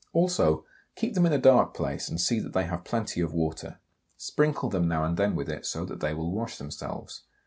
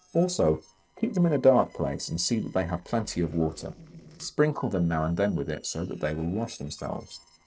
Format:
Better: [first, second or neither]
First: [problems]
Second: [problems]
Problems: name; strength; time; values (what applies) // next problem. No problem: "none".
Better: first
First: none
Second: noise reduction (neural separator model SepFormer DNS4)